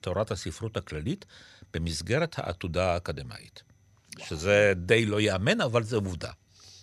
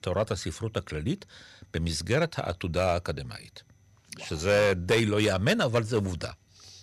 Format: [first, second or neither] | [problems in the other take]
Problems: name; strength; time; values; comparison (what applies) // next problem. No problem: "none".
first | distortion; slight; 3% of the sound clipped